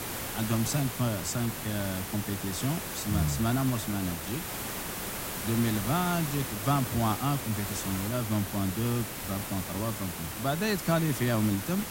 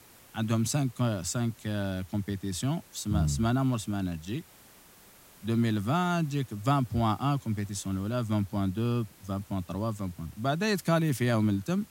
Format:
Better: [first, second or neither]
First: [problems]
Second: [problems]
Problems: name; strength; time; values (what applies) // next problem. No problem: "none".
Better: second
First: hiss; loud; throughout; 4 dB below the speech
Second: hiss; faint; throughout; 25 dB below the speech